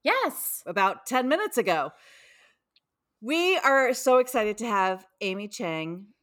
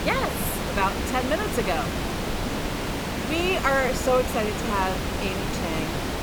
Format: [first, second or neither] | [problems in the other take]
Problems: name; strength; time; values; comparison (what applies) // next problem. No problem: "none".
first | hiss; loud; throughout; 2 dB below the speech